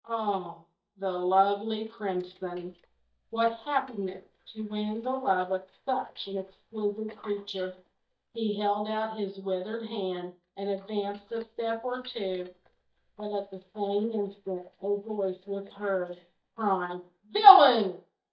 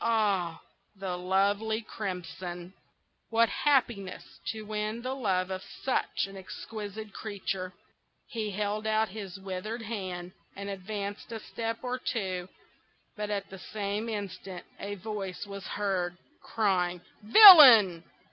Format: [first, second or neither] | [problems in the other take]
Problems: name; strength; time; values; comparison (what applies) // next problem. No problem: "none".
second | noise reduction (neural mask model DeepFilterNet 3)